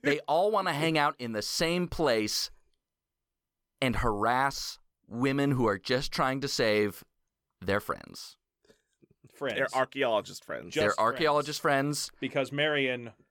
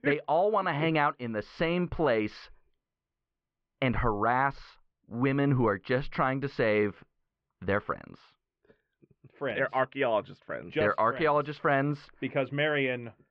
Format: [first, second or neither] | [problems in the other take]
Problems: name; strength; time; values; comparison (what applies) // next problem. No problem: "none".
first | muffled; very; fading above 2.5 kHz